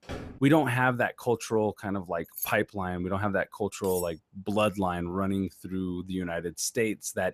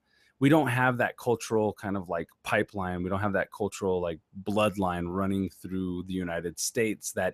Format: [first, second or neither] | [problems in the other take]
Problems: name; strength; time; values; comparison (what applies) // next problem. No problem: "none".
second | door banging; faint; at the start; peak 10 dB below the speech // jangling keys; noticeable; at 2.5 s; peak 7 dB below the speech // clattering dishes; faint; at 4 s; peak 10 dB below the speech